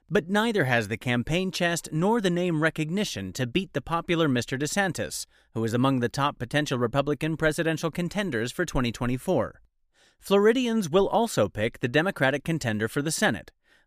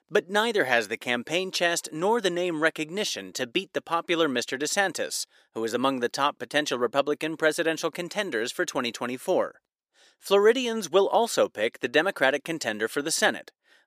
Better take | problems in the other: first | thin; somewhat; fading below 400 Hz

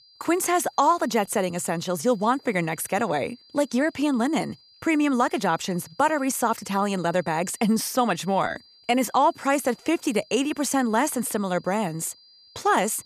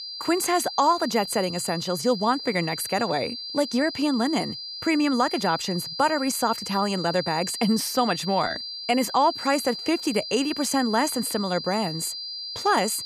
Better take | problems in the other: first | high-pitched whine; loud; throughout; 5 kHz, 7 dB below the speech; faint in the first

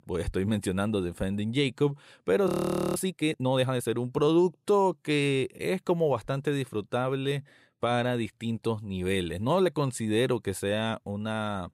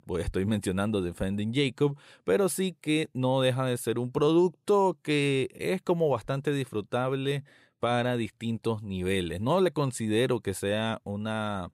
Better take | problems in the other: second | audio freezing; at 2.5 s

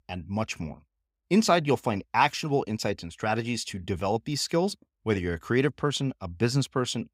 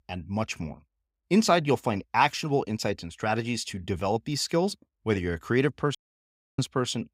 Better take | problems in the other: first | audio cutting out; at 6 s for 0.5 s

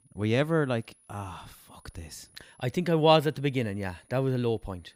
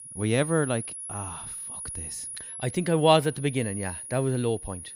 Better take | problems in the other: first | high-pitched whine; loud; throughout; 10.5 kHz, 10 dB below the speech; faint in the first

